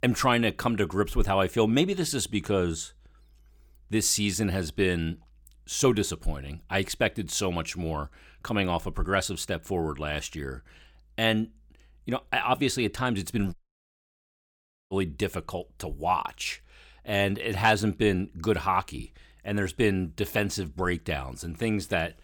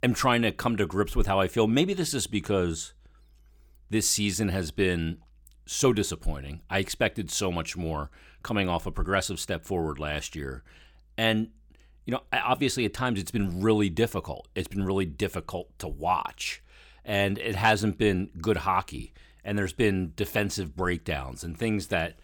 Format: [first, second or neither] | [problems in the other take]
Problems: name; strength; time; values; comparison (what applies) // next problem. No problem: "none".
second | audio cutting out; at 14 s for 1.5 s